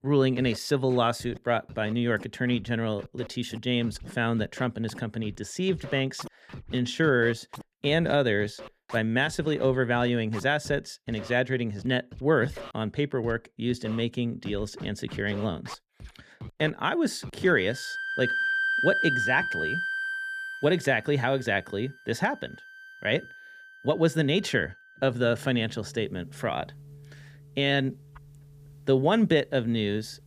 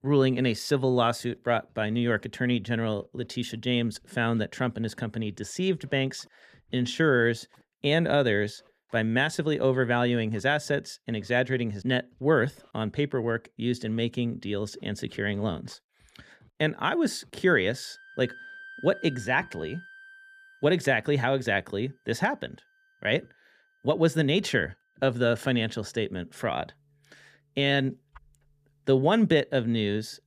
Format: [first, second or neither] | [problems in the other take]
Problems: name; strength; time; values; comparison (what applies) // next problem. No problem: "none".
second | background music; loud; throughout; 7 dB below the speech; faint in the second